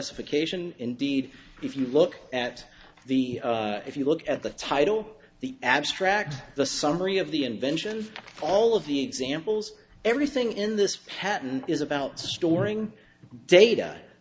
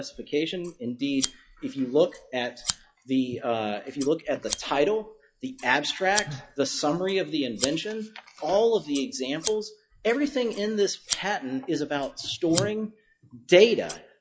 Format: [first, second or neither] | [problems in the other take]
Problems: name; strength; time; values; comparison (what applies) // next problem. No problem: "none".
first | noise reduction (classical method log-MMSE)